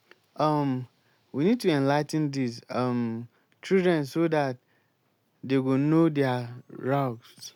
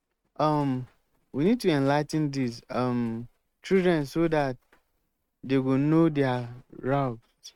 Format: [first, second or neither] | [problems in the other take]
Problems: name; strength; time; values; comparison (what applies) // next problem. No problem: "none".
first | noise reduction (neural mask model RNNoise)